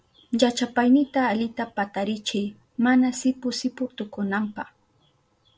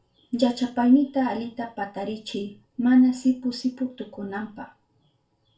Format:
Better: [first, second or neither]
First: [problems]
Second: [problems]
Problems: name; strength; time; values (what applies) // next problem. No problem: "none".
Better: first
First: none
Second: room echo; dies away in 0.3 s